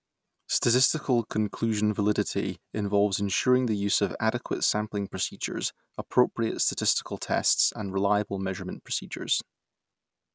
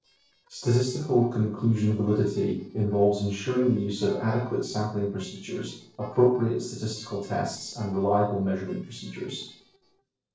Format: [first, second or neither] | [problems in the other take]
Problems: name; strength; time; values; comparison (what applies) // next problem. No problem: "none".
first | noise reduction (neural separator model SepFormer DNS4)